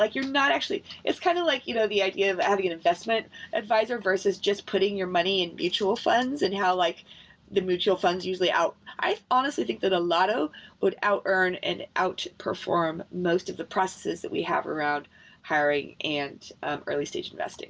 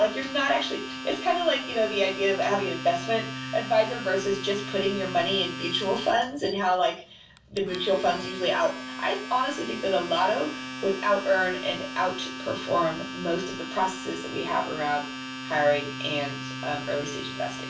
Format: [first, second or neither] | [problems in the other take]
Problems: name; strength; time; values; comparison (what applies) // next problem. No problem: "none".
first | background sound (Domestic sounds, home sounds); 9 dB below the speech // room echo; dies away in 0.3 s